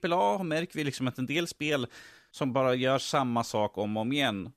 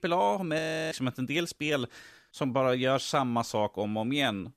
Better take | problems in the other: first | audio freezing; at 0.5 s

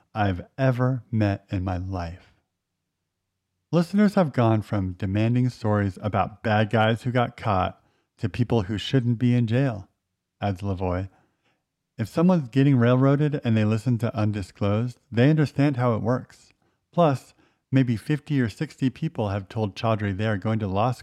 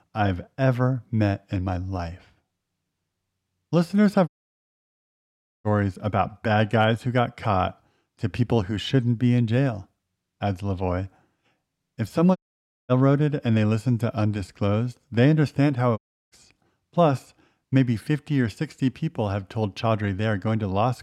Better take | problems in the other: first | audio cutting out; at 4.5 s for 1.5 s, at 12 s for 0.5 s and at 16 s

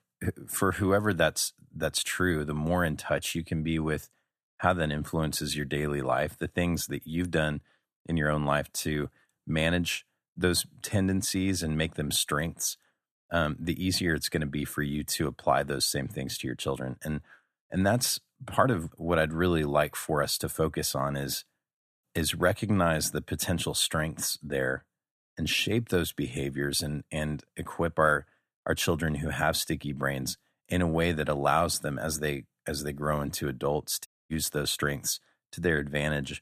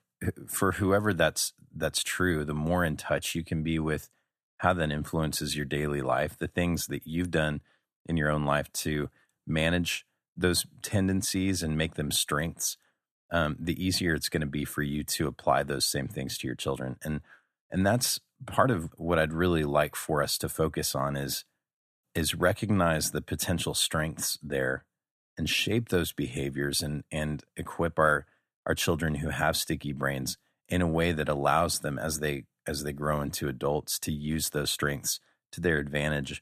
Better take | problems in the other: second | audio cutting out; at 34 s

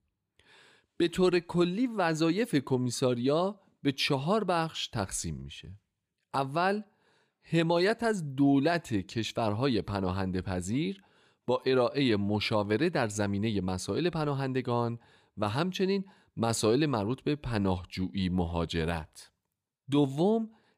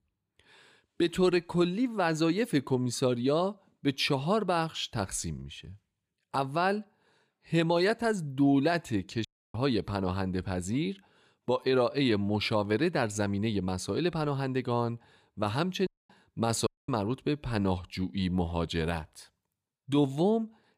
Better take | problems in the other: first | audio cutting out; at 9.5 s, at 16 s and at 17 s

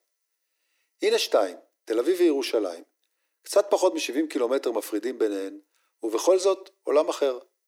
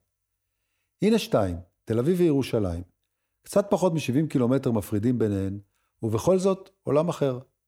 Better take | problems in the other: second | thin; very; fading below 300 Hz

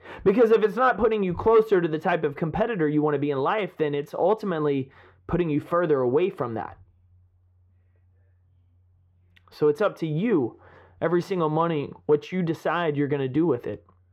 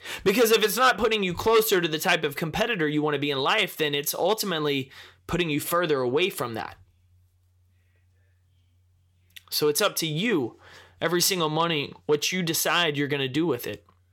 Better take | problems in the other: second | muffled; very; fading above 3 kHz

